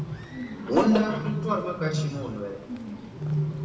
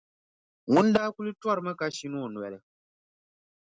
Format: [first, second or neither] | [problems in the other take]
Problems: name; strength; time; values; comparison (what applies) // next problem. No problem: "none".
second | background sound (Bird); 4 dB below the speech // room echo; dies away in 0.9 s